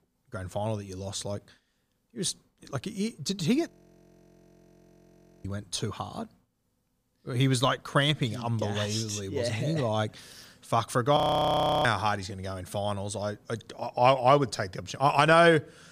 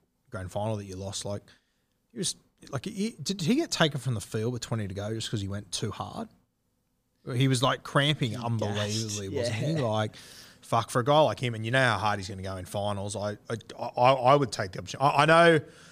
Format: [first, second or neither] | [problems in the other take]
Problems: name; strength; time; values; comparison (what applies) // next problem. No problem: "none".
second | audio freezing; at 3.5 s for 2 s and at 11 s for 0.5 s